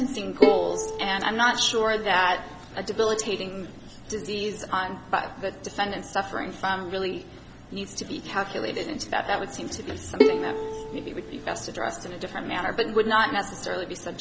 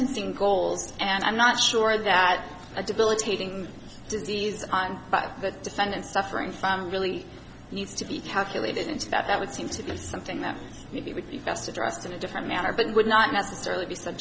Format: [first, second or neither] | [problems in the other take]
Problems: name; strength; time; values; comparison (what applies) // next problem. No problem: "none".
second | background sound (Bowed string instrument); 1 dB above the speech